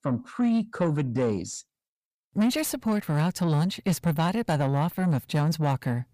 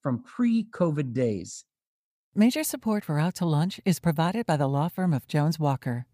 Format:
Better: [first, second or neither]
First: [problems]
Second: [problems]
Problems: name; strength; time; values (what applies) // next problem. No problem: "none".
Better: second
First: distortion; slight; 10 dB below the speech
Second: none